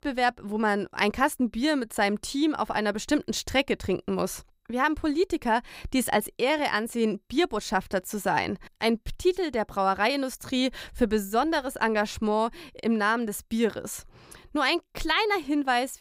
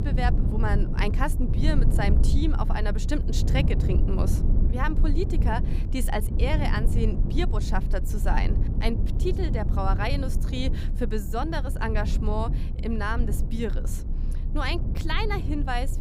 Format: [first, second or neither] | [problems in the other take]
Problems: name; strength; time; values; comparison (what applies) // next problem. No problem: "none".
first | low rumble; loud; throughout; 8 dB below the speech